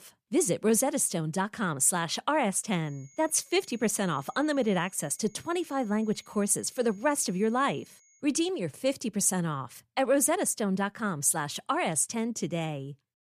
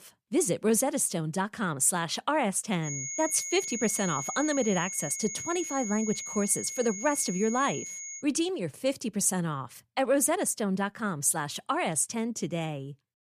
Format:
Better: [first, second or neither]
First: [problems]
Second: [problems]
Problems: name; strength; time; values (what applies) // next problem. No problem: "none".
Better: first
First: high-pitched whine; faint; from 3 to 8 s; 6.5 kHz, 30 dB below the speech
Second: high-pitched whine; loud; from 3 to 8 s; 6.5 kHz, 6 dB below the speech